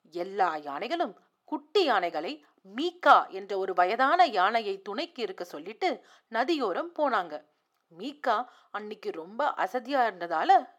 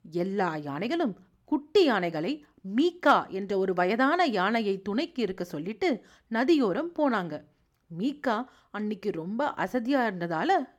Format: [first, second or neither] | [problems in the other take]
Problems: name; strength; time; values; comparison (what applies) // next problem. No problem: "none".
second | thin; somewhat; fading below 450 Hz